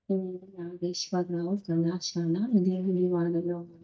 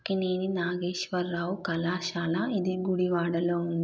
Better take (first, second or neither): second